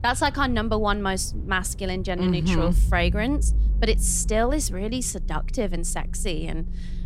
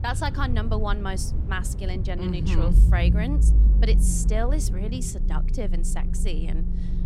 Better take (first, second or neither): first